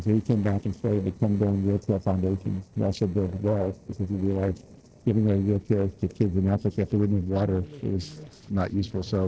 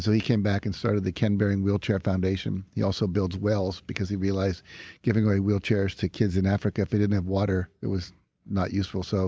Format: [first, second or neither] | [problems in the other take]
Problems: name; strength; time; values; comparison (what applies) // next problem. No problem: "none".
second | noise reduction (neural separator model SepFormer DNS4)